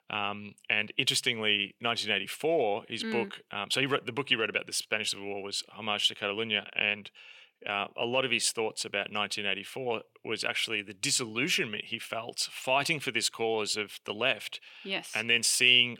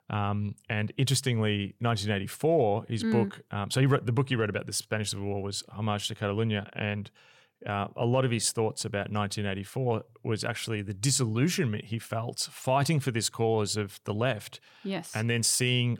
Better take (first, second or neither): second